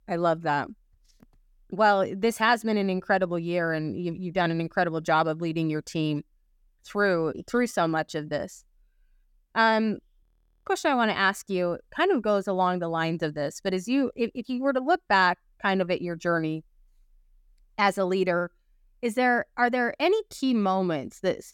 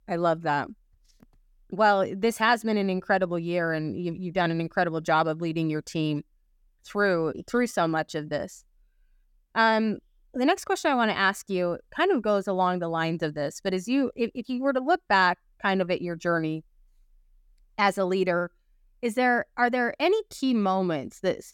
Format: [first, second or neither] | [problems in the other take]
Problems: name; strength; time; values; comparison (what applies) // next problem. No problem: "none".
second | audio freezing; at 10 s